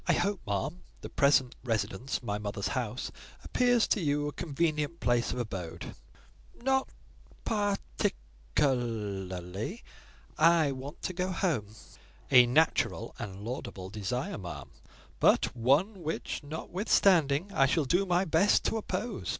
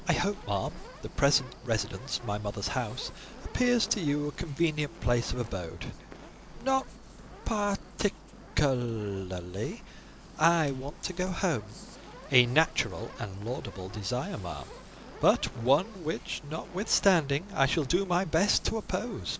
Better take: first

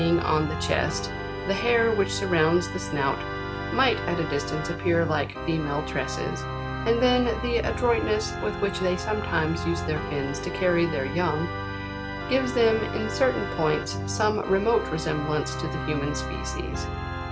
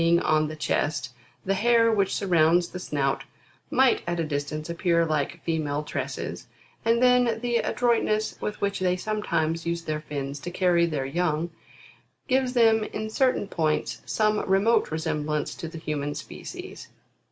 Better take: second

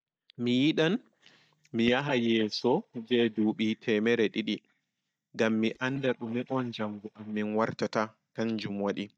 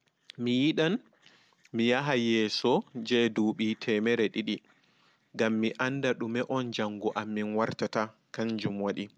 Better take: second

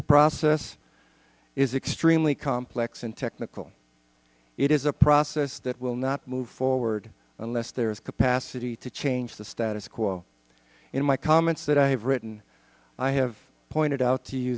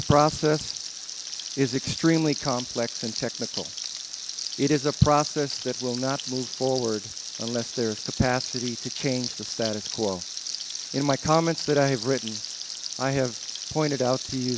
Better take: first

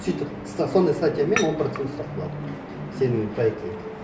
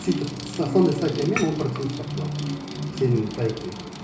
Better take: first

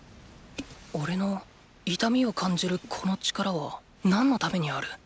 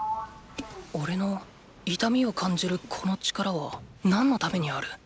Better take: first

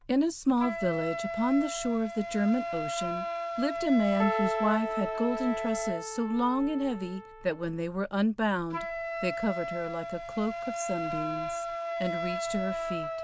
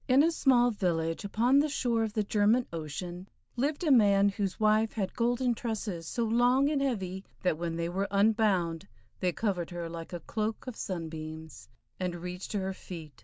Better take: second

